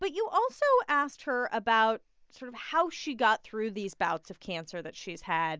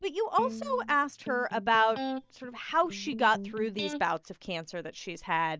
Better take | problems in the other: first | noise reduction (neural mask model DeepFilterNet 3)

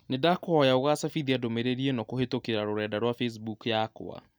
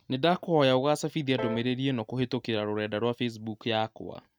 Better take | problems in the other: first | noise reduction (neural mask model RNNoise)

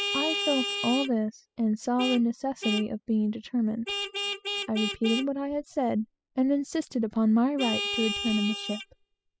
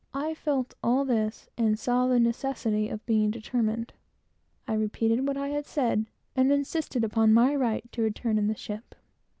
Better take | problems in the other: second | noise reduction (classical method spectral subtraction)

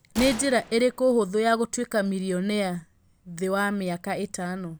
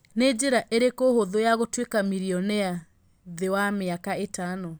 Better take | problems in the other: second | background sound (Gunshot, gunfire); 17 dB below the speech

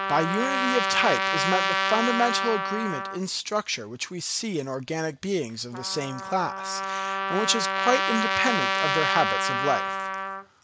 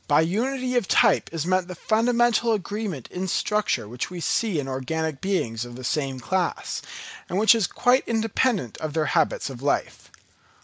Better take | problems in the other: second | background sound (Trumpet); as loud as the speech

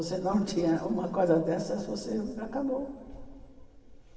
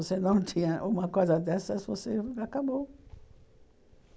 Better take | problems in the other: second | room echo; dies away in 2.2 s

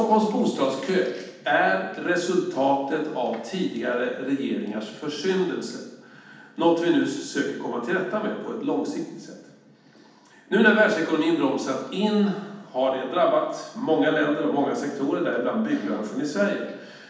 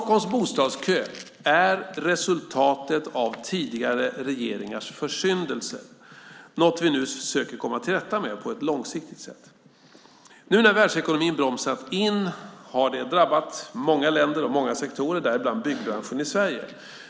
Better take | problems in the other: second | room echo; dies away in 0.8 s

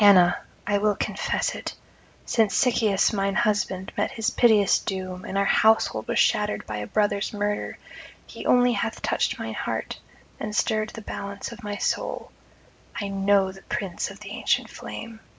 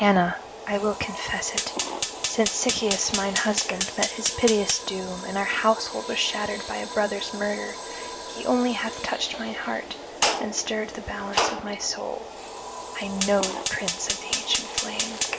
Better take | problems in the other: first | background sound (Fire); 4 dB below the speech

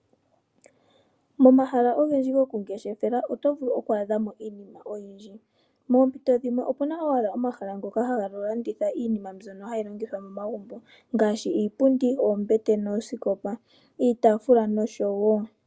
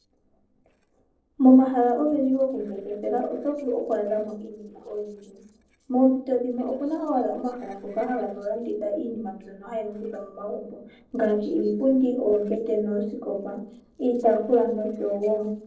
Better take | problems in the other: first | noise reduction (neural separator model SepFormer DNS4)

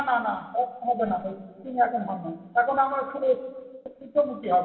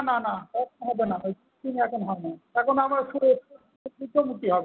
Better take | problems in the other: second | room echo; dies away in 1.4 s

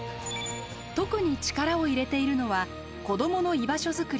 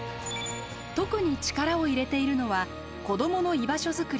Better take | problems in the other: first | background sound (Trumpet); 19 dB below the speech

